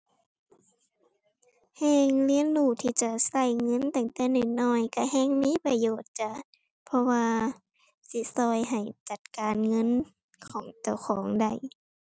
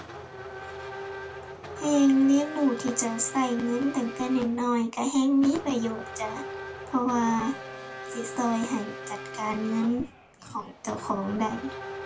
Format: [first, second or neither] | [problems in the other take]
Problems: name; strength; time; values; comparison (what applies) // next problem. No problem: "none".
first | background sound (Race car, auto racing / Accelerating, revving, vroom); 12 dB below the speech // room echo; dies away in 0.2 s